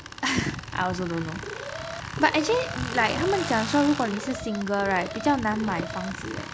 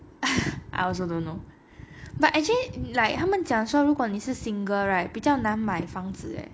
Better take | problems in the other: second | background sound (Alarm + Tools); 9 dB below the speech

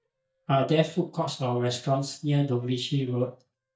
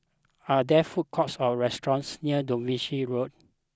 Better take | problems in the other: second | noise reduction (neural mask model DeepFilterNet 3)

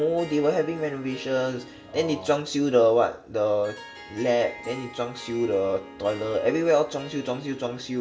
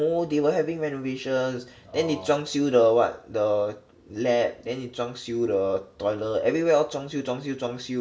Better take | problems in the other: second | background sound (Harp); 18 dB below the speech

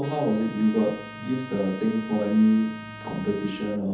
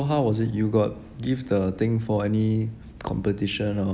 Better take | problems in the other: second | background sound (Trumpet); 17 dB below the speech // room echo; dies away in 0.6 s

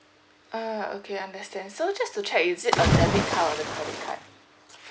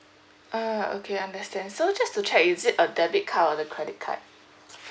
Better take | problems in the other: second | background sound (Splash, splatter); 4 dB above the speech

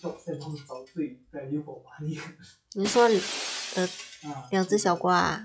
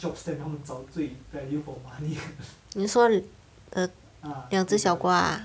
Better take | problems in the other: second | noise reduction (classical method log-MMSE)

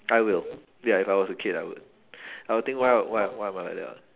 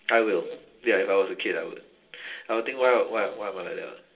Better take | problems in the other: first | room echo; dies away in 0.2 s

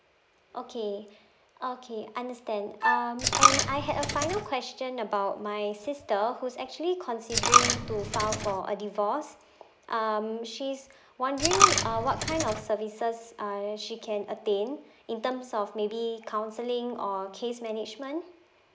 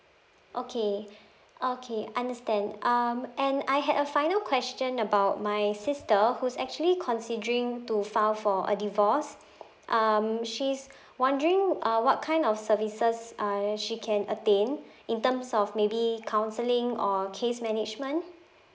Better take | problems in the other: second | background sound (Wind instrument, woodwind instrument + Coin (dropping)); 3 dB above the speech

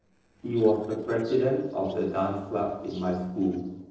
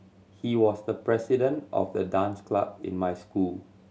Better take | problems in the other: second | noise reduction (neural separator model SepFormer DNS4)

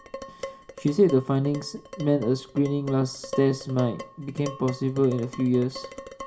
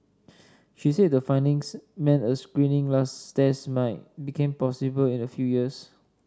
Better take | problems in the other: second | background sound (Dishes, pots, and pans); 15 dB below the speech // room echo; dies away in 0.2 s

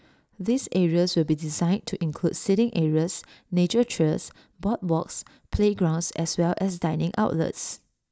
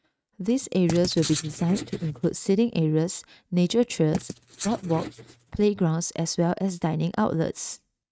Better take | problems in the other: first | noise reduction (neural mask model RNNoise)

